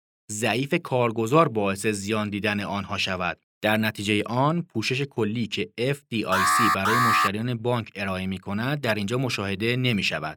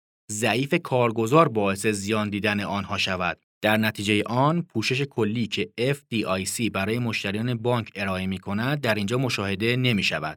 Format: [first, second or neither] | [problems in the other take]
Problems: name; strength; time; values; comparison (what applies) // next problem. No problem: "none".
second | alarm; loud; at 6.5 s; peak 6 dB above the speech